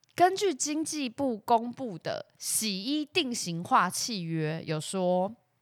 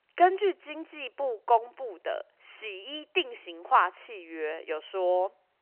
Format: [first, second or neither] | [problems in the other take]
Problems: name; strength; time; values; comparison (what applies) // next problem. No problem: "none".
first | phone-call audio; nothing above 3 kHz